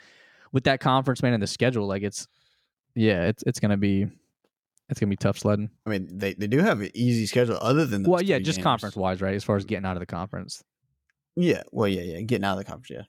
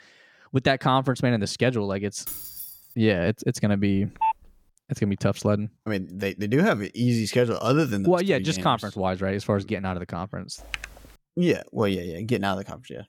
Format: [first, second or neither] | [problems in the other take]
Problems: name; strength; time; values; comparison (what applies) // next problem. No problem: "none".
first | jangling keys; noticeable; at 2.5 s; peak 8 dB below the speech // phone ringing; noticeable; at 4 s; peak 2 dB below the speech // keyboard typing; faint; at 11 s; peak 10 dB below the speech